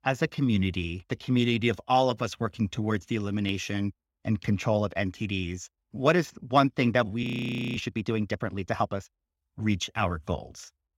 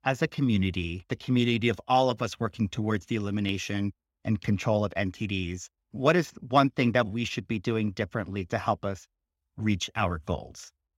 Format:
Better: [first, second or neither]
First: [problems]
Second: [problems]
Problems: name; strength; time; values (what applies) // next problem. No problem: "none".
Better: second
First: audio freezing; at 7 s for 0.5 s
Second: none